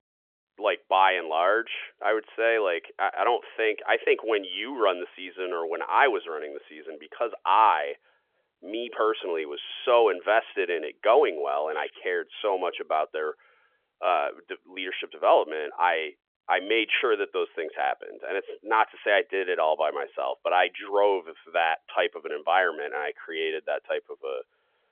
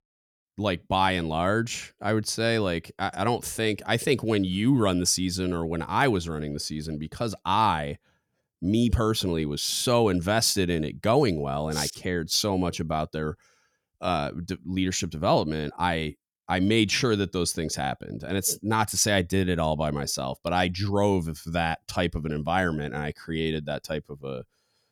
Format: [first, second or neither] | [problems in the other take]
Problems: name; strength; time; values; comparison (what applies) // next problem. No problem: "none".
second | phone-call audio; nothing above 3.5 kHz